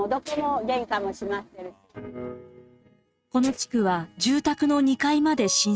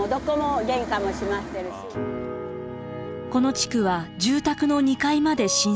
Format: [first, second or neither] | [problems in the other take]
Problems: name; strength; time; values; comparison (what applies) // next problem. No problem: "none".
second | noise reduction (neural mask model RNNoise)